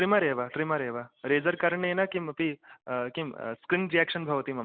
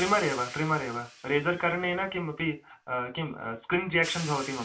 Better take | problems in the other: first | background sound (Hi-hat); 16 dB below the speech // room echo; dies away in 0.2 s

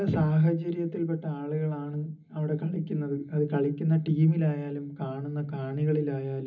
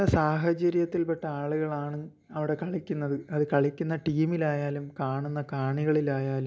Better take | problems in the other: second | room echo; dies away in 0.4 s

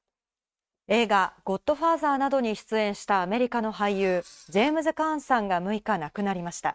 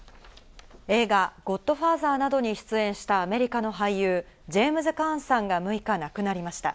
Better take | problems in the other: second | noise reduction (neural mask model RNNoise)

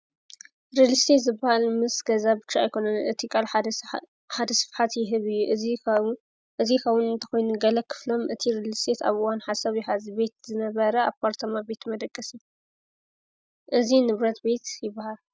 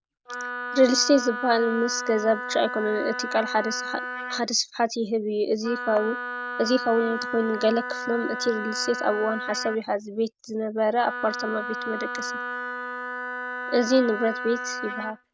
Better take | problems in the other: first | background sound (Wind instrument, woodwind instrument); 7 dB below the speech

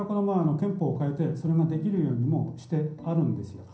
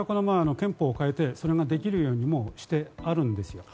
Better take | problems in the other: second | room echo; dies away in 0.6 s

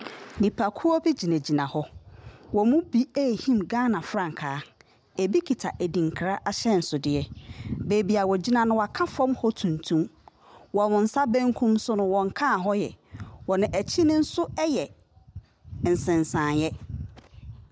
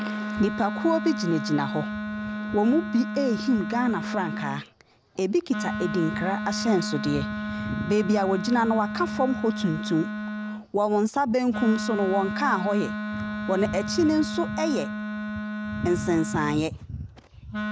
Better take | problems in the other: first | background sound (Wind instrument, woodwind instrument); 5 dB below the speech

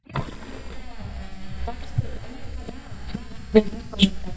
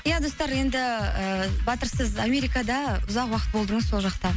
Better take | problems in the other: second | noise reduction (neural mask model DeepFilterNet 3)

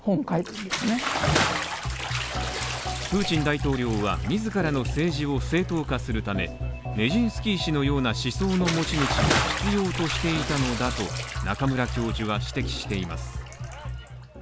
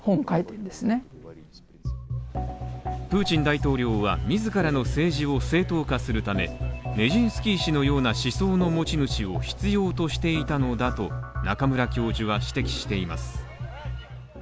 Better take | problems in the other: second | background sound (Bathtub (filling or washing) / Splash, splatter); 6 dB below the speech

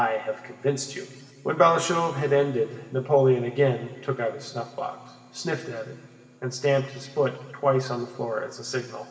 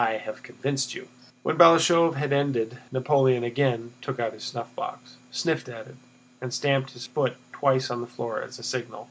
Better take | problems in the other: second | room echo; dies away in 1.8 s

